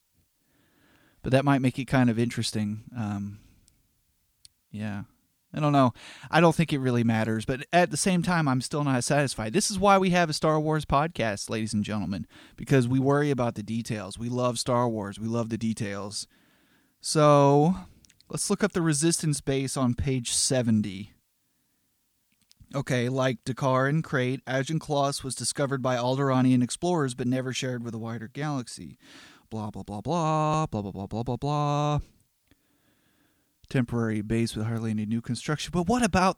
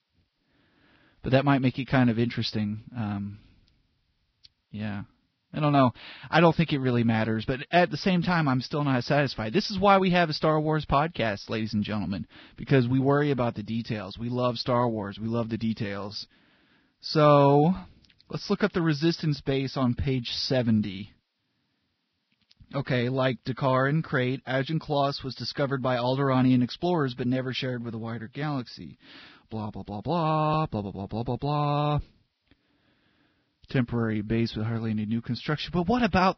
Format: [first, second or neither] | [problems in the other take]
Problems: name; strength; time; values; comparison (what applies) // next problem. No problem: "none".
first | garbled, watery; badly; nothing above 5.5 kHz